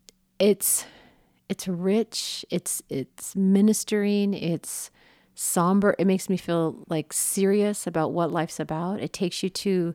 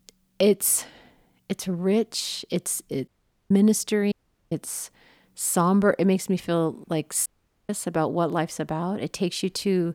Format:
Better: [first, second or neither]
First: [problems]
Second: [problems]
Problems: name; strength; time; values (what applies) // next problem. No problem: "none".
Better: first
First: none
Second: audio cutting out; at 3 s, at 4 s and at 7.5 s